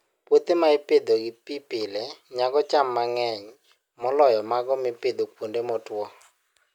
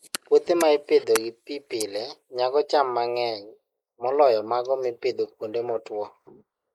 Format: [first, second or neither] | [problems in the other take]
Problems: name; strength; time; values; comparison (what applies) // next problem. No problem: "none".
first | noise reduction (neural mask model Resemble Enhance denoiser)